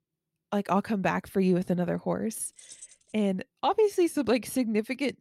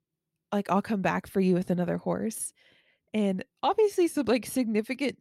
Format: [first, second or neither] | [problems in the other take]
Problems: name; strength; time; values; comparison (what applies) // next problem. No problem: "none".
second | jangling keys; faint; at 2.5 s; peak 20 dB below the speech